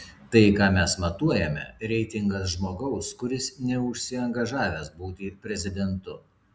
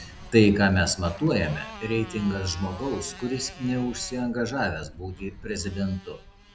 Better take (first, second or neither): first